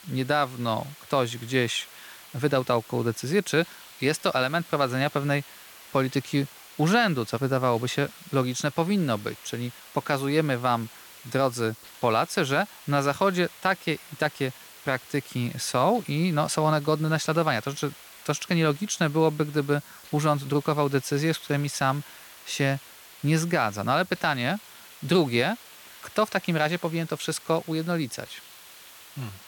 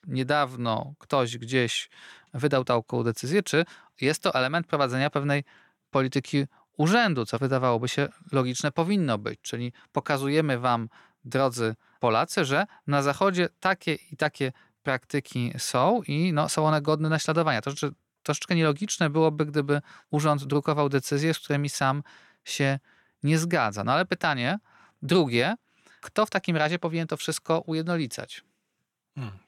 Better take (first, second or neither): second